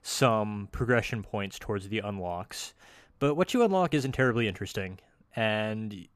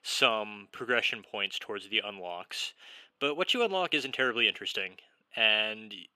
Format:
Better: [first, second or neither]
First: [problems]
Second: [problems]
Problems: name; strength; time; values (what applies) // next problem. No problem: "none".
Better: first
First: none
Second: thin; somewhat; fading below 350 Hz